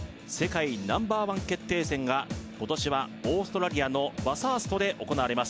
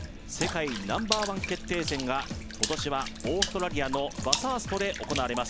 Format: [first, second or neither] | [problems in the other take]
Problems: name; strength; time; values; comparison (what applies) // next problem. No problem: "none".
first | background sound (Water / Splash, splatter); 4 dB below the speech